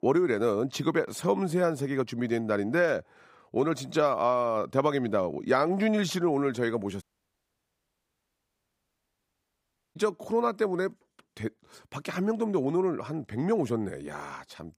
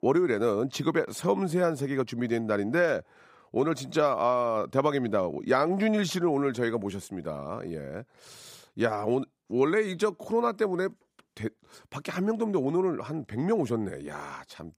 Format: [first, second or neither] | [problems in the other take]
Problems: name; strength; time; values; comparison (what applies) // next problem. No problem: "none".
second | audio cutting out; at 7 s for 3 s